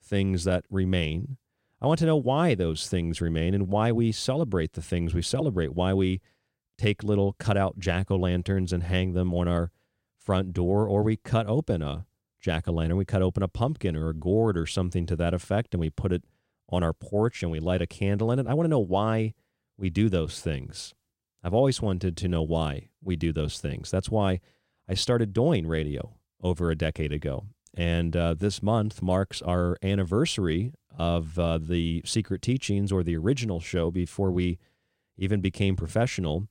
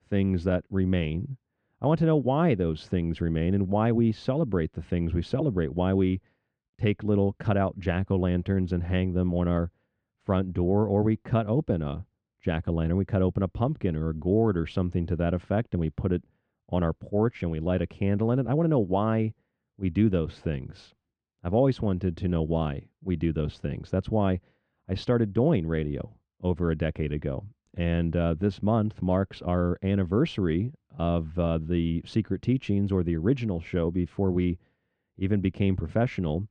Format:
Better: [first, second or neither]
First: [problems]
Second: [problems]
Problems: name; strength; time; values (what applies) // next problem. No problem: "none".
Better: first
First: none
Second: muffled; slightly; fading above 2.5 kHz